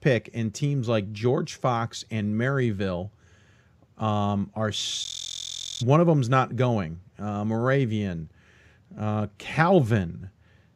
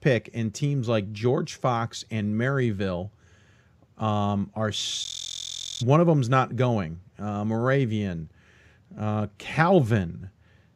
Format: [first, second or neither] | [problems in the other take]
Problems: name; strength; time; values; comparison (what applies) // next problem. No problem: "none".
neither | none